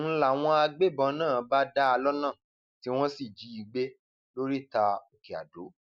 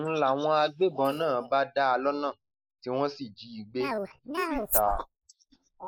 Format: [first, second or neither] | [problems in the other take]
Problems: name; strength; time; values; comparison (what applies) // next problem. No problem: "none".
first | noise reduction (neural mask model Resemble Enhance denoiser)